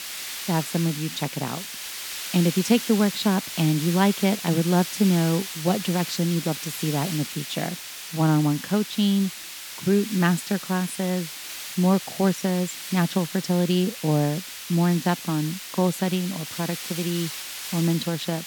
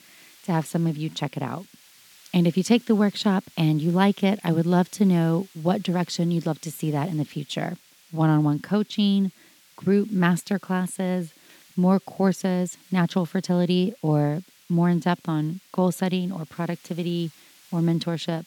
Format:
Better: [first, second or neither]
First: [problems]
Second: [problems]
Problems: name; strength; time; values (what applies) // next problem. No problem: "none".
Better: second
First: hiss; loud; throughout; 8 dB below the speech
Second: hiss; faint; throughout; 25 dB below the speech